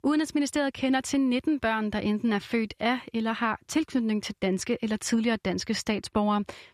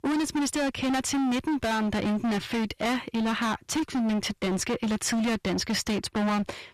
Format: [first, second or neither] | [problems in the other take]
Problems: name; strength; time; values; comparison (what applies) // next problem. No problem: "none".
first | distortion; heavy; 33% of the sound clipped